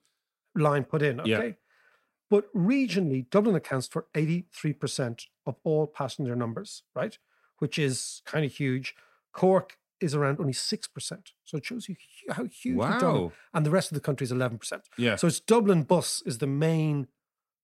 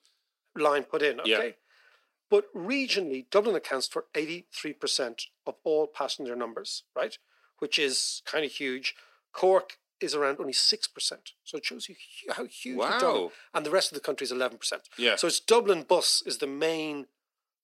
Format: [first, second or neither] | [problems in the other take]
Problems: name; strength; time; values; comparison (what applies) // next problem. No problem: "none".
first | thin; somewhat; fading below 300 Hz